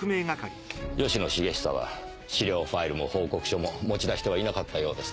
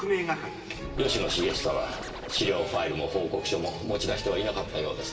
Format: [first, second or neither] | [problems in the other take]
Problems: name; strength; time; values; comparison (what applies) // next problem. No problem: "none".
first | background sound (Scratching (performance technique)); 10 dB below the speech // room echo; dies away in 2.8 s